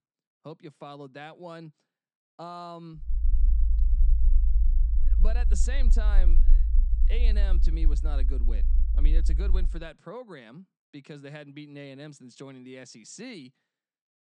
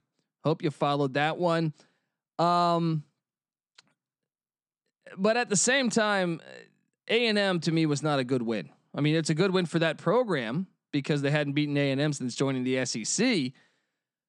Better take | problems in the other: second | low rumble; loud; from 3 to 9.5 s; 8 dB below the speech

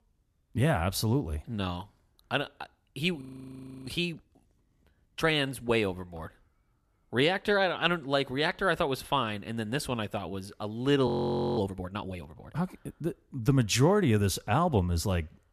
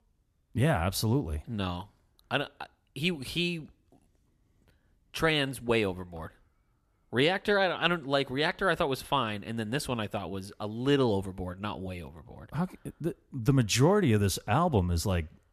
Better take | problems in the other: second | audio freezing; at 3 s for 0.5 s and at 11 s

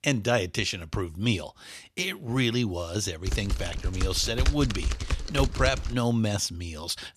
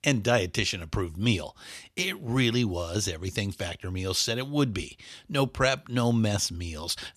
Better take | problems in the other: second | keyboard typing; noticeable; from 3.5 to 6 s; peak level with the speech

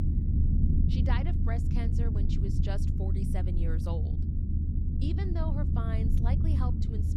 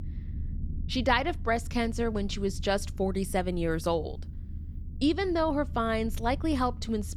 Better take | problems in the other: second | low rumble; loud; throughout; as loud as the speech; faint in the second

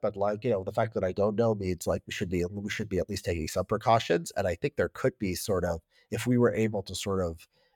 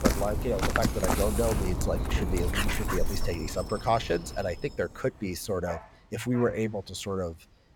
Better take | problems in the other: first | animal sounds; loud; throughout; 1 dB below the speech

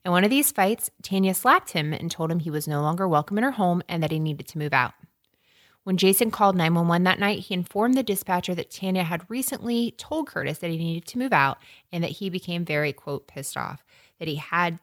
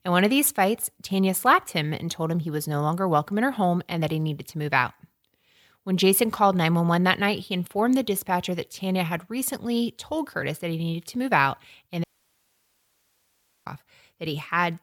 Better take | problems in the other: first | audio cutting out; at 12 s for 1.5 s

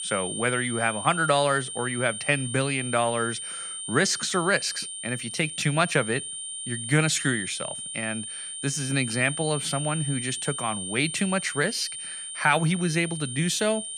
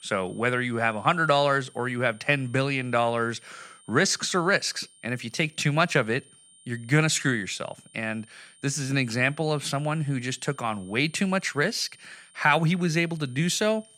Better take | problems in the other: second | high-pitched whine; loud; throughout; 9 kHz, 6 dB below the speech; faint in the second

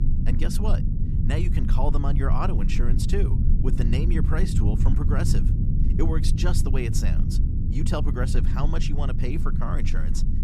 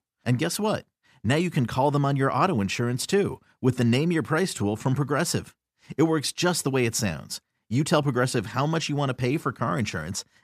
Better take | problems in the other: second | low rumble; loud; throughout; 4 dB below the speech

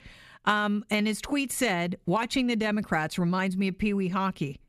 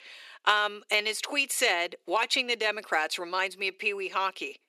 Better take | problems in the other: first | thin; very; fading below 350 Hz

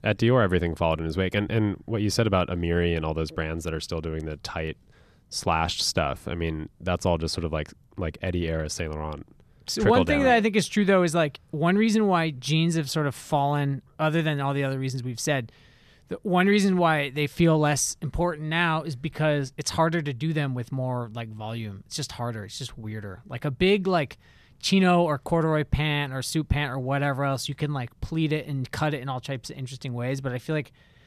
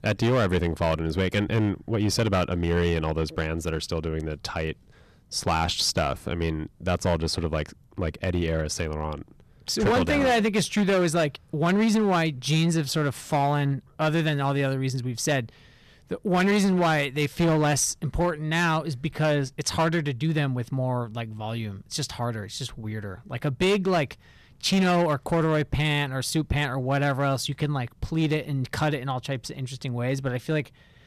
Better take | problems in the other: first | distortion; slight; 7% of the sound clipped

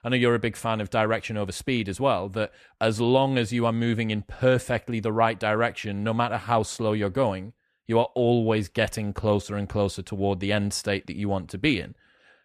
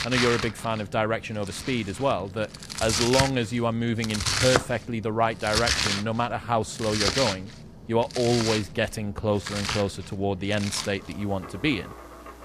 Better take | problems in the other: first | household noises; loud; throughout; 1 dB below the speech

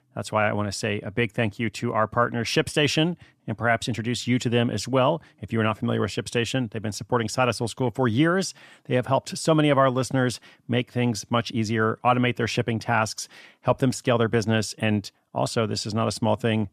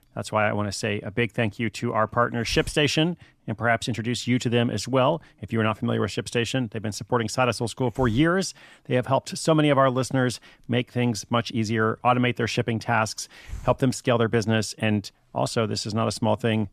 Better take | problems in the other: first | hiss; noticeable; throughout; 20 dB below the speech

